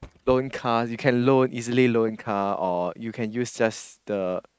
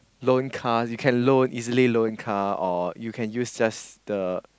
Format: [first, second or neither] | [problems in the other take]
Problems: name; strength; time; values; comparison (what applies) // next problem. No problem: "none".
second | noise reduction (neural mask model RNNoise)